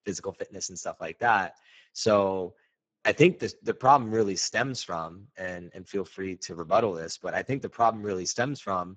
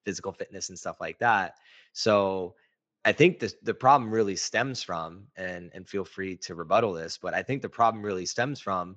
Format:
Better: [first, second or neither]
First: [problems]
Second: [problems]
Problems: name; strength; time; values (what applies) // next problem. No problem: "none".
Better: second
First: garbled, watery; badly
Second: garbled, watery; slightly